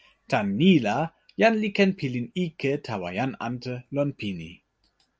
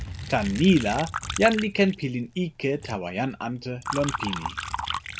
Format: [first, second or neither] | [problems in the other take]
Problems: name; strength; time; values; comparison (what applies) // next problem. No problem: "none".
first | background sound (Liquid); 9 dB below the speech